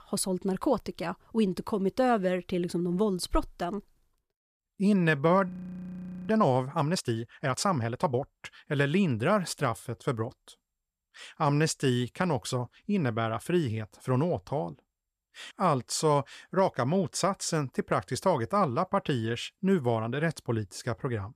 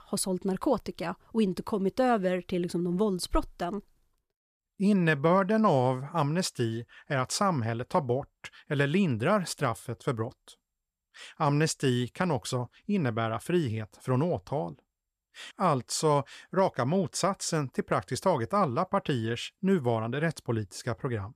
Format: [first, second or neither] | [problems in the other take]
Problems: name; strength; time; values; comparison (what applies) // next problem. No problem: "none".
second | audio freezing; at 5.5 s for 1 s